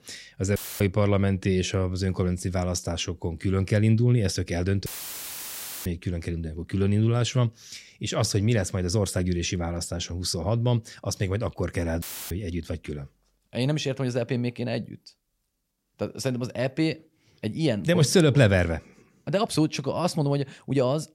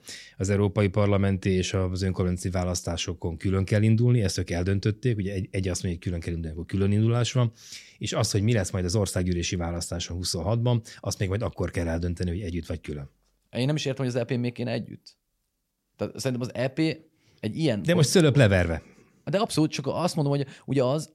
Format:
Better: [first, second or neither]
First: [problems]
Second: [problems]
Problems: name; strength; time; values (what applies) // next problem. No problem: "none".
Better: second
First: audio cutting out; filled with static; at 0.5 s, at 5 s for 1 s and at 12 s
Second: none